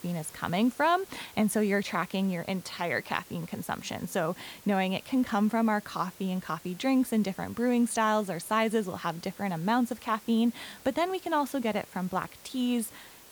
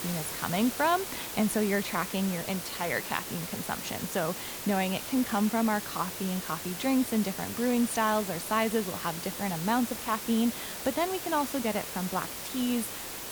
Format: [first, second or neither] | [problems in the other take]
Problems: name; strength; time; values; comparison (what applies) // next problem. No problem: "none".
first | hiss; loud; throughout; 6 dB below the speech; faint in the first